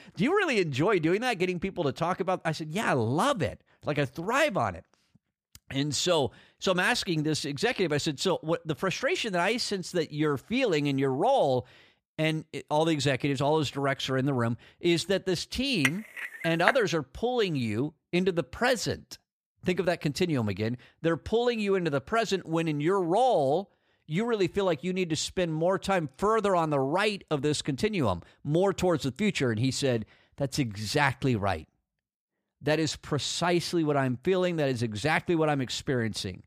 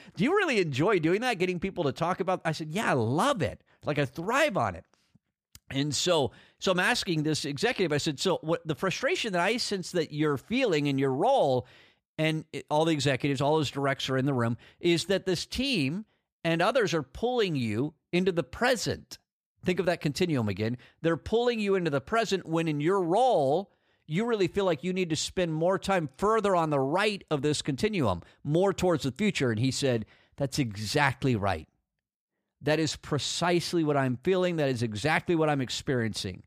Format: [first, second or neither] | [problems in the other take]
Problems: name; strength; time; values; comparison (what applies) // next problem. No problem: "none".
second | clattering dishes; noticeable; at 16 s; peak 1 dB below the speech